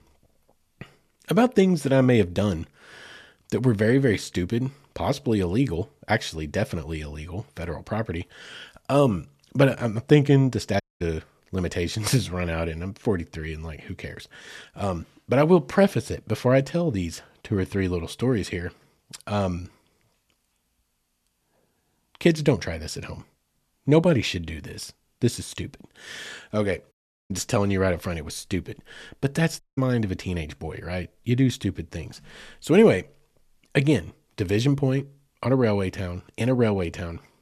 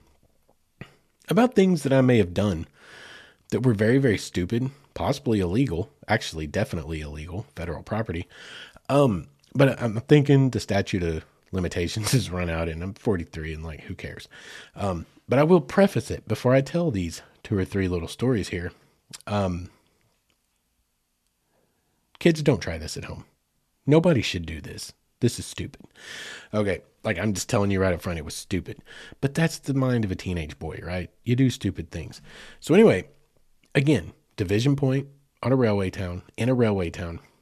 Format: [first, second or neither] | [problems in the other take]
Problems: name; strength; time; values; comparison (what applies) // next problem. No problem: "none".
second | audio cutting out; at 11 s, at 27 s and at 30 s